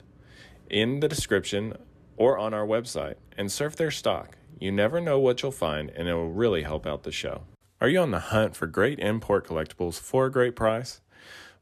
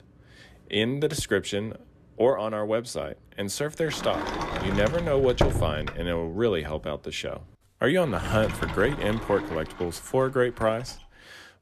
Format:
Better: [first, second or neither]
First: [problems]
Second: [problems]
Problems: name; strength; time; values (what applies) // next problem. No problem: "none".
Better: first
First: none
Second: door banging; loud; from 4 to 9.5 s; peak 1 dB above the speech